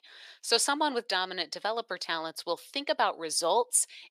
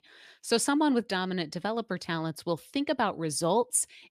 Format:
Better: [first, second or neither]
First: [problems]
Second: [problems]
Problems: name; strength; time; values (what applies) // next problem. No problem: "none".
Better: second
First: thin; somewhat; fading below 600 Hz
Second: none